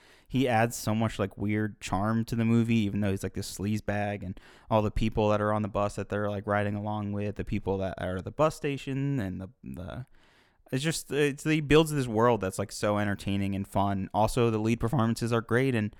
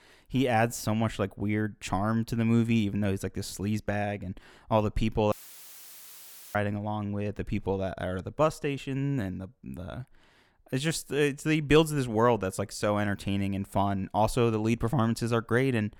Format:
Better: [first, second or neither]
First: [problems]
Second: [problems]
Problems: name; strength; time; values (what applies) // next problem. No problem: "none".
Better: first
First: none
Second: audio cutting out; filled with static; at 5.5 s for 1 s